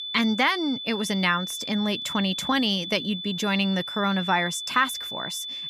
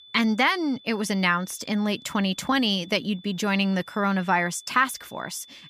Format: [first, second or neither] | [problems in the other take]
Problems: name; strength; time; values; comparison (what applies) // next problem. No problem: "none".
second | high-pitched whine; loud; throughout; 3.5 kHz, 6 dB below the speech; faint in the second